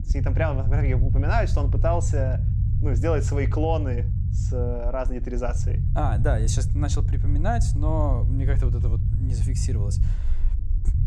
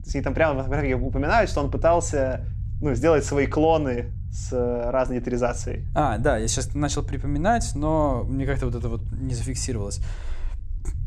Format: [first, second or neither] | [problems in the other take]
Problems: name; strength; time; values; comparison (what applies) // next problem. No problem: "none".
second | low rumble; loud; throughout; 10 dB below the speech; faint in the second